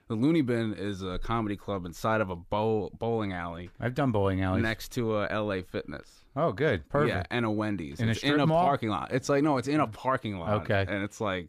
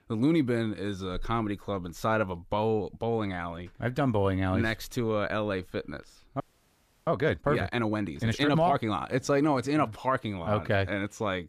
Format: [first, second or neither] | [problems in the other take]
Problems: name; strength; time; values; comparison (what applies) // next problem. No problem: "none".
first | audio freezing; at 6.5 s for 0.5 s